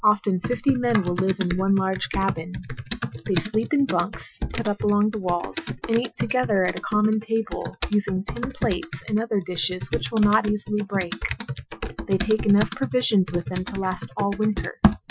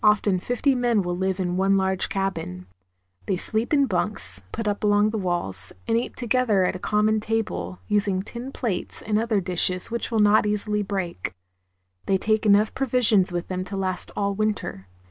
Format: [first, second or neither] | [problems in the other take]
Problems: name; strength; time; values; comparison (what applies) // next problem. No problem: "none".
second | noise reduction (classical method Wiener filter)